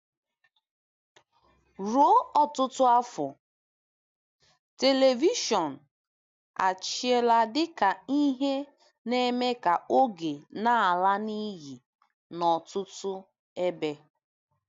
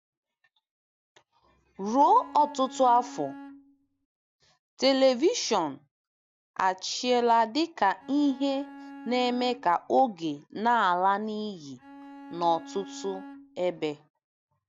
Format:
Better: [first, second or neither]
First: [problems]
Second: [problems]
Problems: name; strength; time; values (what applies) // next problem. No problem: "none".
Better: first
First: none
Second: background sound (Bowed string instrument); 17 dB below the speech